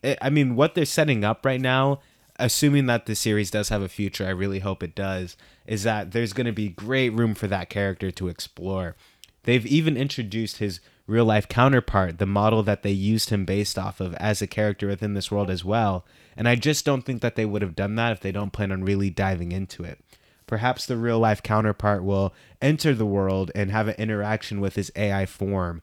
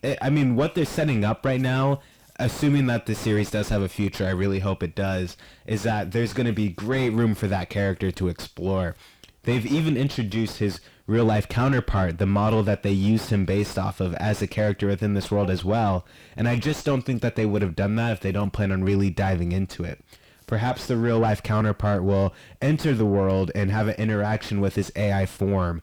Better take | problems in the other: first | distortion; heavy; 7 dB below the speech

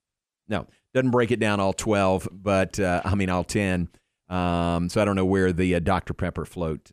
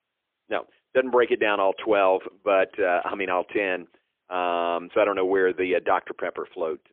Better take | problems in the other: first | phone-call audio; poor line; nothing above 3.5 kHz

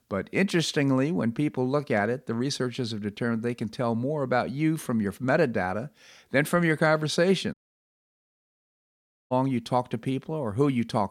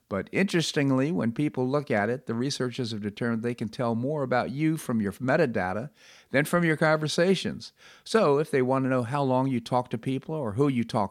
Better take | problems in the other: second | audio cutting out; at 7.5 s for 2 s

